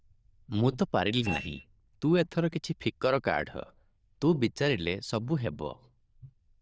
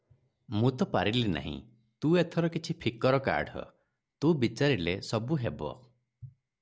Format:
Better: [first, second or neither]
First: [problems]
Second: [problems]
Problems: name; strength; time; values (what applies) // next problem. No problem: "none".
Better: second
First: noise reduction (neural diffusion model UNIVERSE++)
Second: none